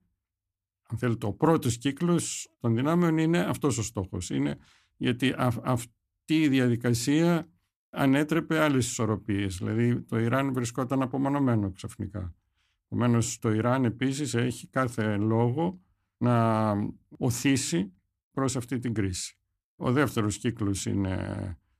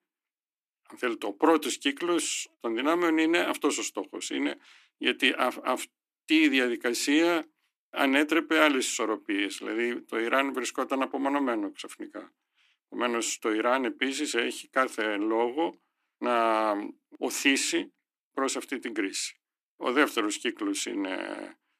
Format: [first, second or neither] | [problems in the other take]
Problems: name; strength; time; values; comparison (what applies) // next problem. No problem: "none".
first | thin; somewhat; fading below 300 Hz